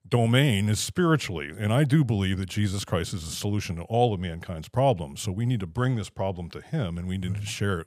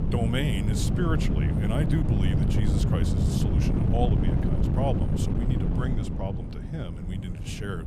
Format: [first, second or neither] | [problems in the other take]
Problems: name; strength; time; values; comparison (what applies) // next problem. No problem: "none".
first | wind noise on the microphone; heavy; as loud as the speech